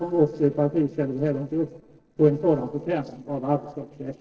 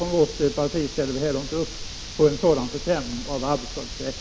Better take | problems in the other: second | noise reduction (neural separator model SepFormer DNS4)

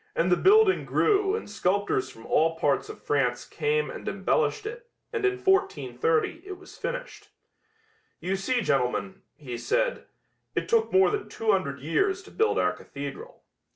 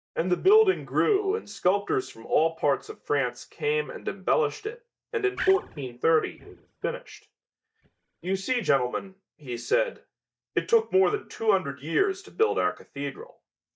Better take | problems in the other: first | noise reduction (neural mask model DeepFilterNet 3)

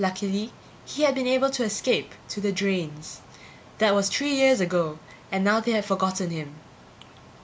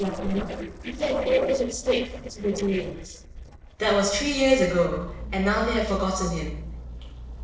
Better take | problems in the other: first | noise reduction (neural separator model SepFormer DNS4)

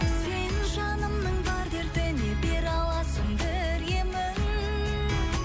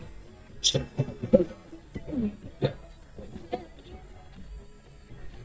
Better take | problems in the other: first | noise reduction (neural mask model DeepFilterNet 3)

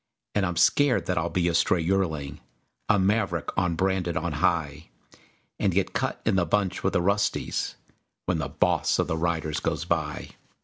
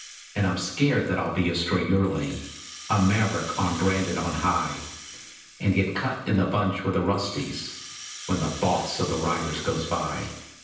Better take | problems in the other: first | background sound (Rattle (instrument)); 15 dB below the speech // room echo; dies away in 0.9 s

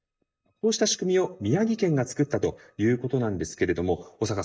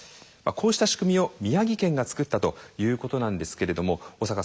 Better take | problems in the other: second | noise reduction (neural mask model DeepFilterNet 3)

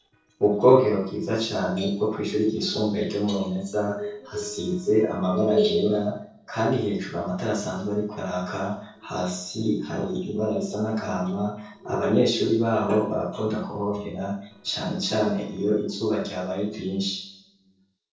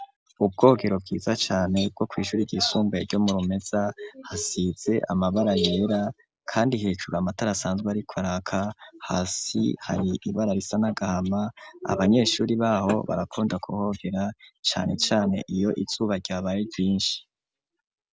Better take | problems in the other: second | noise reduction (neural separator model SepFormer DNS4)

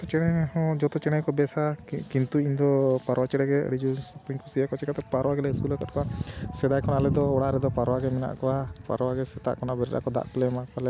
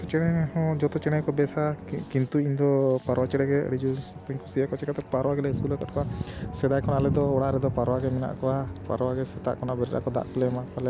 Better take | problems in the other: first | background sound (Musical instrument); 15 dB below the speech

